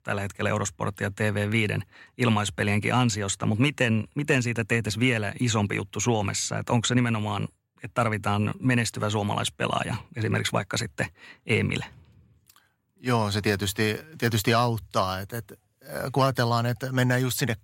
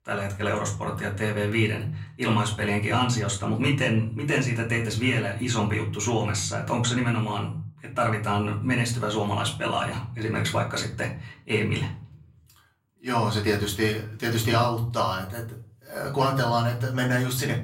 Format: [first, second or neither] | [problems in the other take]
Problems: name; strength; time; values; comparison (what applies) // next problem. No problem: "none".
first | off-mic speech; far // room echo; very slight; dies away in 0.4 s